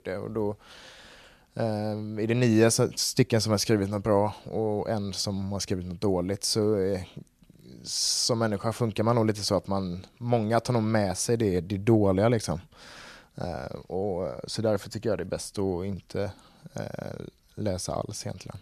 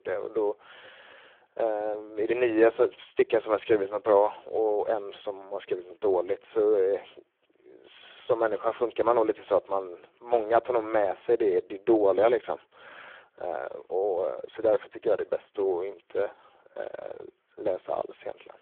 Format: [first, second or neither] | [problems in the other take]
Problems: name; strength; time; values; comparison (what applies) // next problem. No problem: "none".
first | phone-call audio; poor line